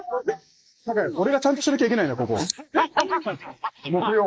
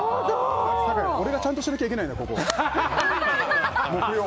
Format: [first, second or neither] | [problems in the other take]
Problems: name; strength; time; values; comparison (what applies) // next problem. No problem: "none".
second | noise reduction (neural mask model Resemble Enhance denoiser)